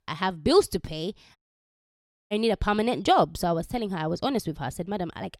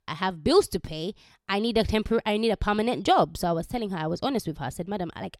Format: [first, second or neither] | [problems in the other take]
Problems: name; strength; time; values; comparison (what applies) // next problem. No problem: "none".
second | audio cutting out; at 1.5 s for 1 s